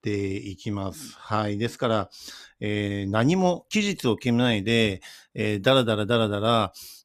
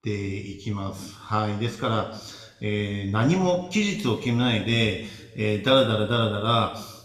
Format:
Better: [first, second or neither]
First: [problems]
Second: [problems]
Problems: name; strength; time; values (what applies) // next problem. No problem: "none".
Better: first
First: none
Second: room echo; slight; dies away in 1 s // off-mic speech; somewhat distant